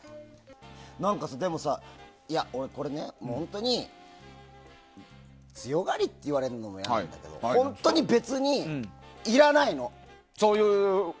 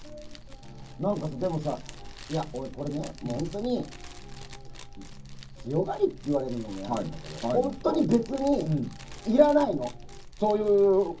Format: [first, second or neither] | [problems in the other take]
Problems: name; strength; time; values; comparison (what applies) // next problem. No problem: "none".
first | background sound (Fire); 14 dB below the speech // room echo; dies away in 0.4 s